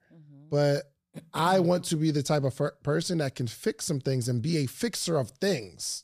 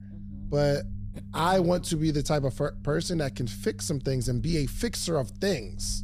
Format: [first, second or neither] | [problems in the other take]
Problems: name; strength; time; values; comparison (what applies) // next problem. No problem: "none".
first | low rumble; faint; throughout; 25 dB below the speech